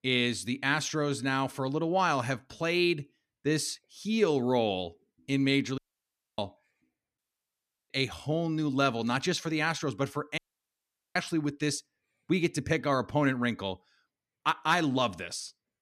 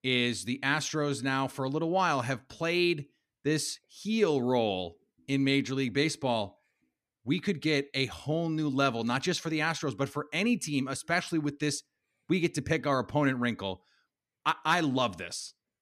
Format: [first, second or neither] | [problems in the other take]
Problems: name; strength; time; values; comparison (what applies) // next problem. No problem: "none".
second | audio cutting out; at 6 s for 0.5 s, at 7 s for 0.5 s and at 10 s for 1 s